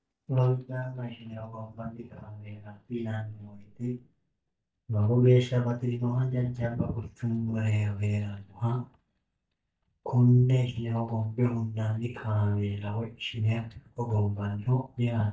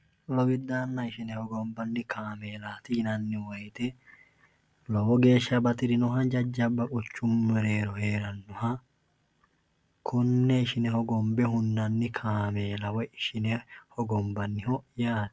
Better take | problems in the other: second | noise reduction (neural mask model DeepFilterNet 3)

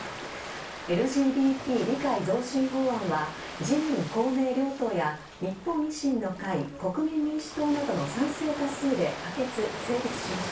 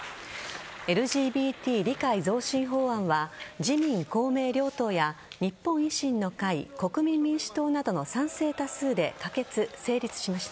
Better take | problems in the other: second | background sound (Ocean); 11 dB below the speech // room echo; dies away in 0.3 s

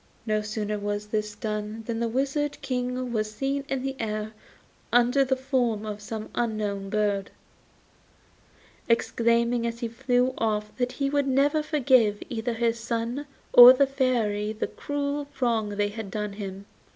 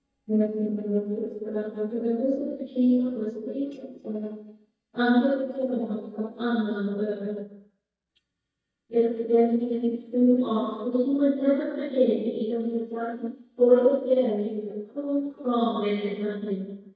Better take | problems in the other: first | noise reduction (neural mask model DeepFilterNet 3)

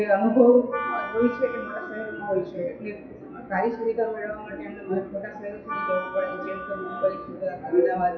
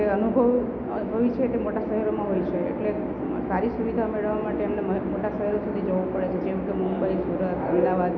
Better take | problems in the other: second | noise reduction (classical method WPE with log-MMSE)

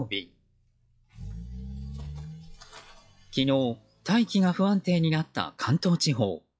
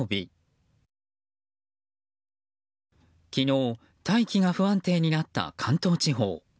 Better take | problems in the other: second | noise reduction (classical method log-MMSE)

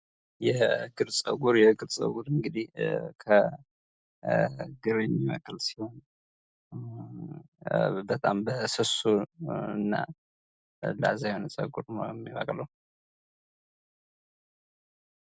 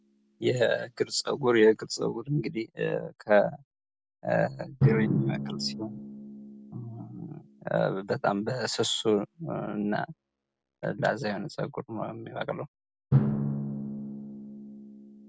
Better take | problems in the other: first | background sound (Drum); 5 dB below the speech

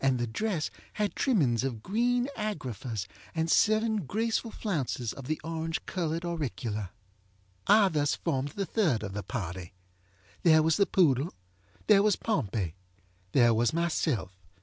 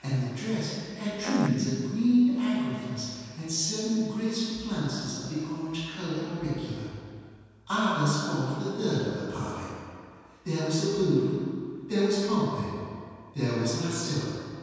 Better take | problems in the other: first | background sound (Fart); 4 dB below the speech // room echo; dies away in 2.1 s

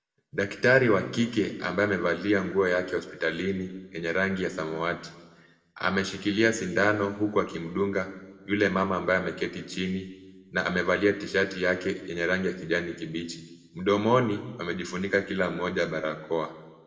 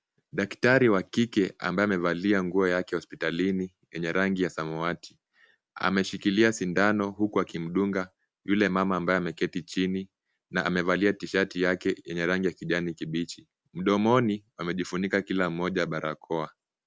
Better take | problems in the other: second | room echo; dies away in 1 s

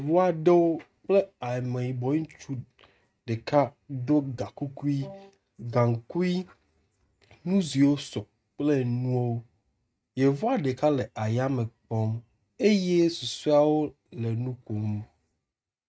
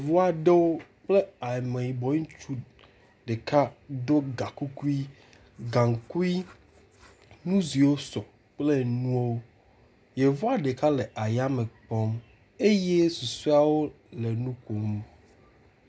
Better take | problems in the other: second | noise reduction (neural mask model RNNoise)

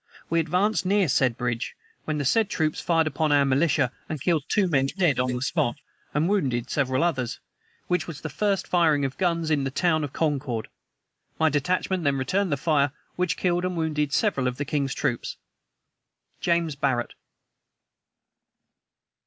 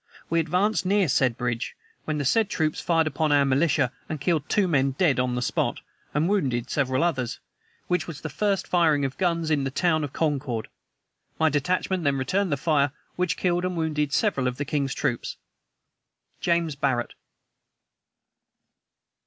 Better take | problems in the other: second | noise reduction (neural mask model Resemble Enhance denoiser)

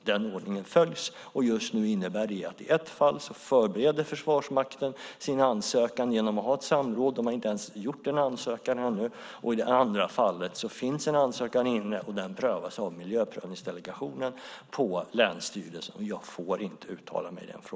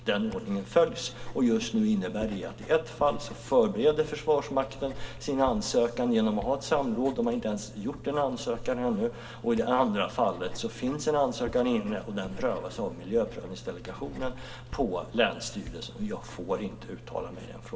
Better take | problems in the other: first | background sound (Writing); 14 dB below the speech // room echo; dies away in 2.1 s

